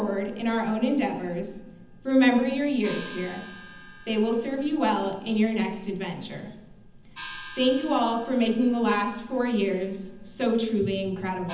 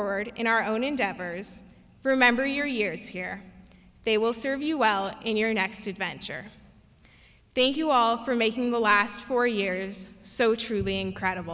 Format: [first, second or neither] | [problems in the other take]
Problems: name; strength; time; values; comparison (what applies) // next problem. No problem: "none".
second | background sound (Gong); 19 dB below the speech // room echo; dies away in 0.8 s